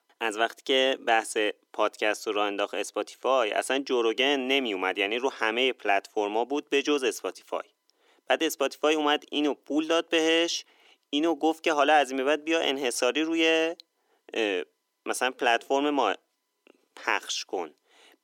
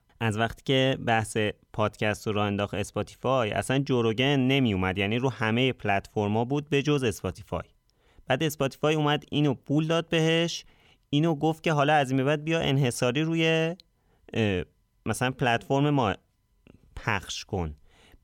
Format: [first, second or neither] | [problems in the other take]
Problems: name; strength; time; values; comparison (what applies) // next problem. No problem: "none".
second | thin; somewhat; fading below 300 Hz